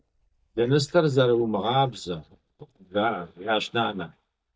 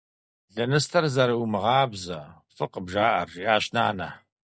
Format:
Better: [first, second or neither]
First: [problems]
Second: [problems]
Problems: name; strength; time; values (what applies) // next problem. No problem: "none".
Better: second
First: noise reduction (neural mask model DeepFilterNet 3)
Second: none